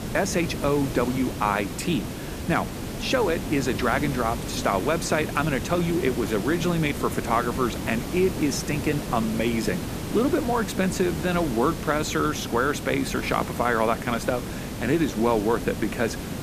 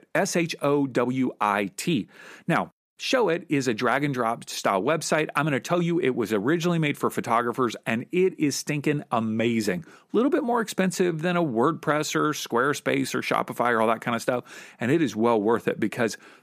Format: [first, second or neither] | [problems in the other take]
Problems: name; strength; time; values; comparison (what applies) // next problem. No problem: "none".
second | hiss; loud; throughout; 7 dB below the speech